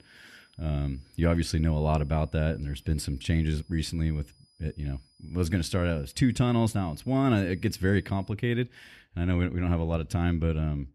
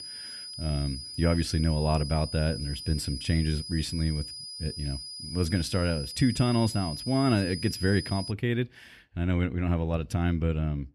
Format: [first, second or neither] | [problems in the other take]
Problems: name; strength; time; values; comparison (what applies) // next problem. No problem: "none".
first | high-pitched whine; loud; until 8.5 s; 5 kHz, 9 dB below the speech; faint in the first